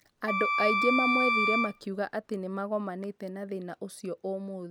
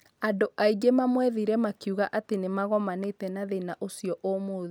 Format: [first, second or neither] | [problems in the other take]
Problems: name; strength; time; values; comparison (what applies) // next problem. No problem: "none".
second | background sound (Wind instrument, woodwind instrument); 3 dB above the speech